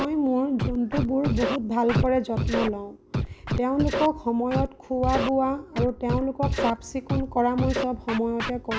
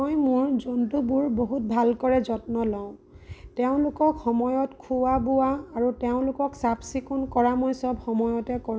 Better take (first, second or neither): second